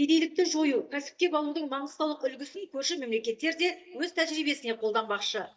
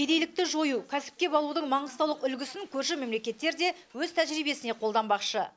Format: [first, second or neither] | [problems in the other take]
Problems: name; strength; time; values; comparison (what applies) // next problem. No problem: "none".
second | noise reduction (neural mask model DeepFilterNet 3)